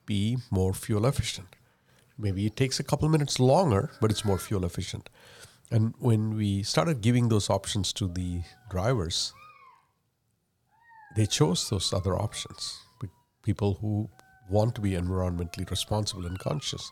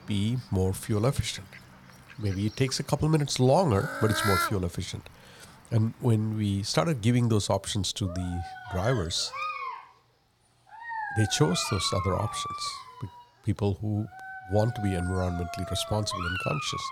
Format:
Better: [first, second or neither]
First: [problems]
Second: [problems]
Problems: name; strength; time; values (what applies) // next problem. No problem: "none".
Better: first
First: animal sounds; faint; throughout; 25 dB below the speech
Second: animal sounds; loud; throughout; 7 dB below the speech